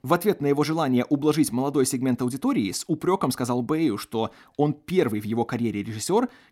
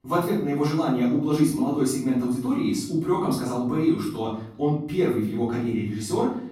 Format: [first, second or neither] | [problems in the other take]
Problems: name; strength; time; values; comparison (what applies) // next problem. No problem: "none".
first | off-mic speech; far // room echo; noticeable; dies away in 0.6 s